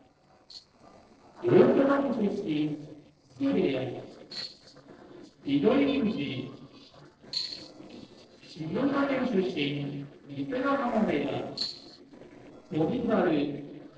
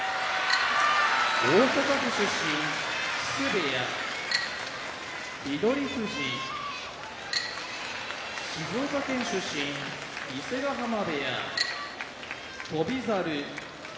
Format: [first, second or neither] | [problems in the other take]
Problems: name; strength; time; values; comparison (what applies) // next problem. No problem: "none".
second | noise reduction (neural separator model SepFormer DNS4)